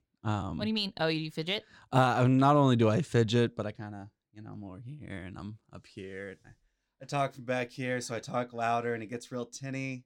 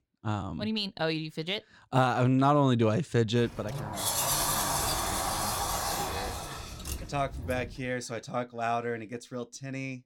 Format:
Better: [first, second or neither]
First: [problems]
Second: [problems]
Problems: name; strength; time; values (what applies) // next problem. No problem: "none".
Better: first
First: none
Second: door banging; loud; from 3.5 to 7.5 s; peak 4 dB above the speech